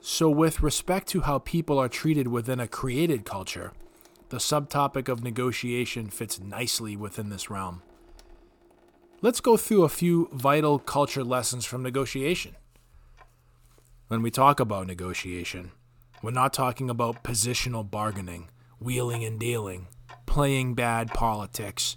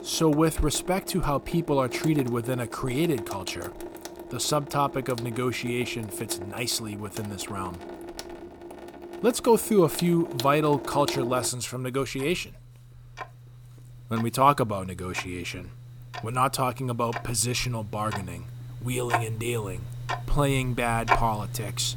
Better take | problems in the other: first | household noises; loud; throughout; 10 dB below the speech; faint in the first

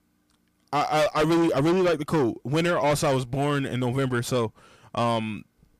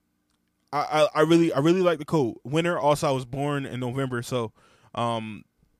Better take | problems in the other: second | distortion; heavy; 7 dB below the speech

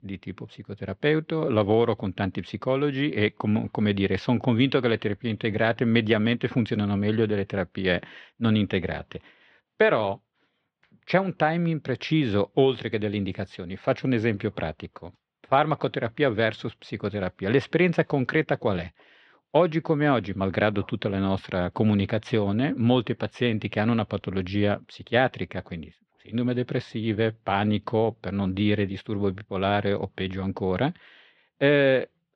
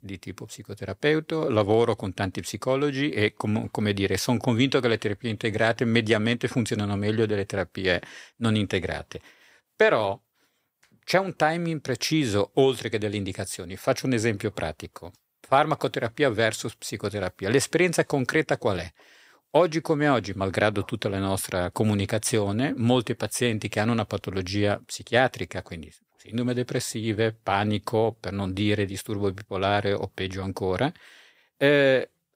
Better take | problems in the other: second | muffled; slightly; fading above 3.5 kHz

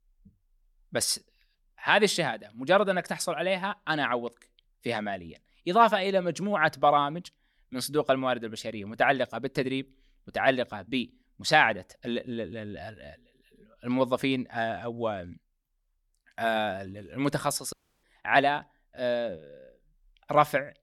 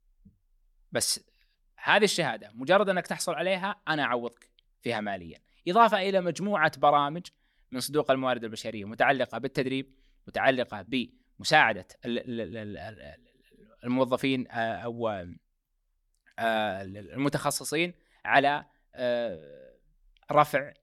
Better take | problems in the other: second | audio cutting out; at 18 s

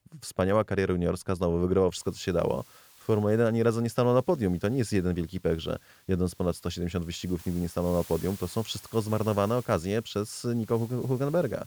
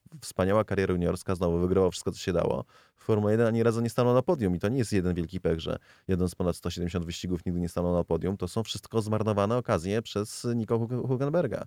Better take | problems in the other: second | hiss; faint; from 2 s on; 20 dB below the speech

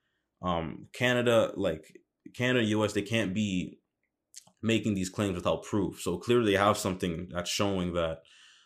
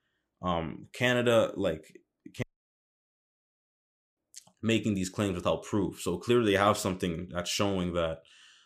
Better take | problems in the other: first | audio cutting out; at 2.5 s for 1.5 s

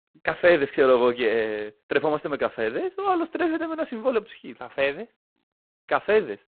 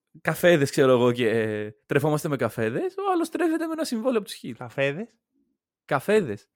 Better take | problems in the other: second | phone-call audio; poor line; nothing above 4 kHz

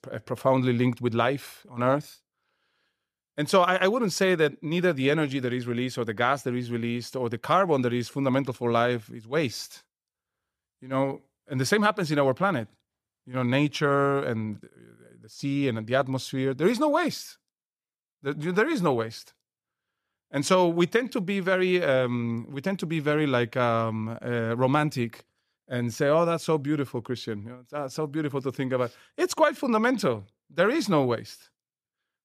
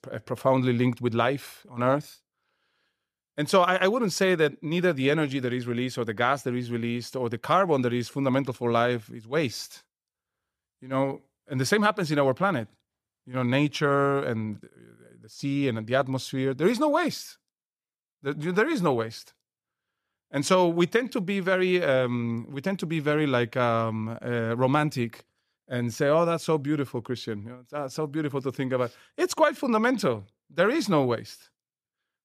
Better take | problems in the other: neither | none

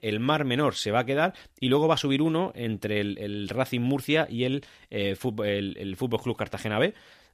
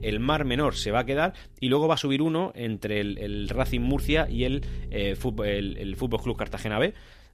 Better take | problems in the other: first | low rumble; faint; throughout; 20 dB below the speech

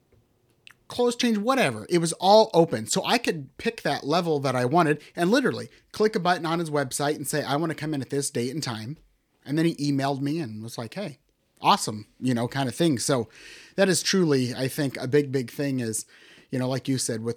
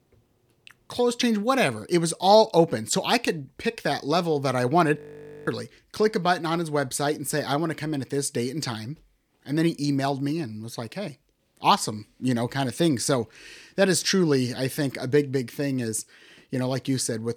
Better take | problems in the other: first | audio freezing; at 5 s

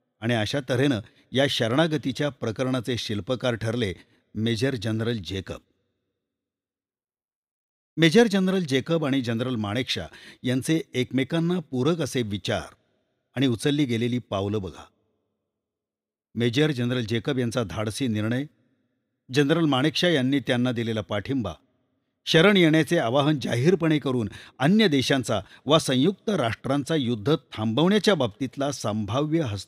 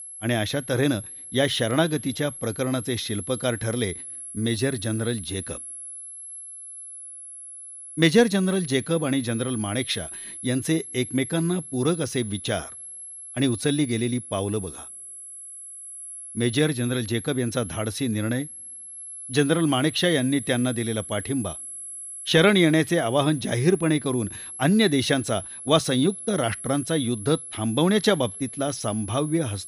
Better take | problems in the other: first | high-pitched whine; noticeable; throughout; 11 kHz, 10 dB below the speech

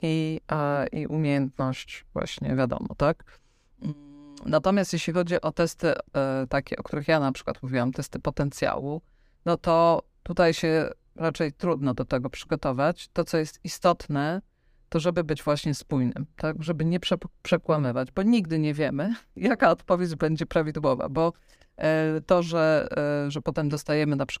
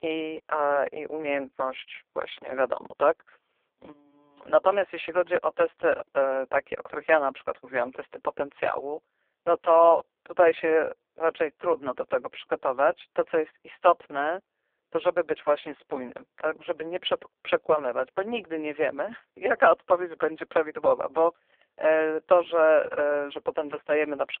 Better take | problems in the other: first | phone-call audio; poor line

